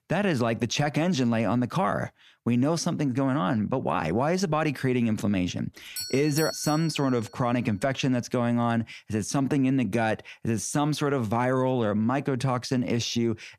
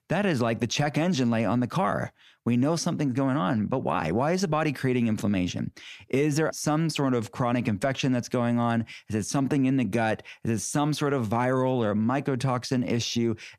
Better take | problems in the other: second | doorbell; noticeable; from 6 to 7 s; peak 7 dB below the speech

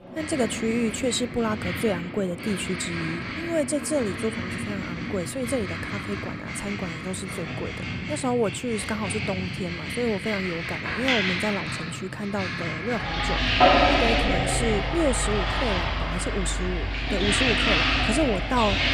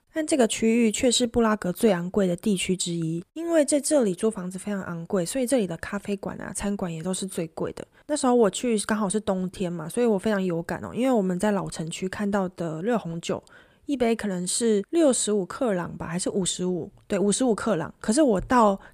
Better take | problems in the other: second | household noises; very loud; throughout; 2 dB above the speech

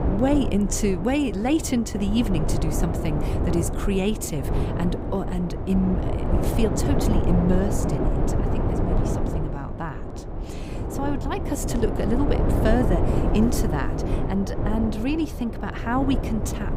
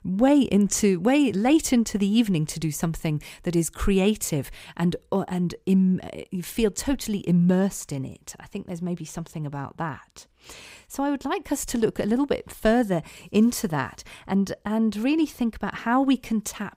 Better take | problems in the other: second | wind noise on the microphone; heavy; 2 dB below the speech

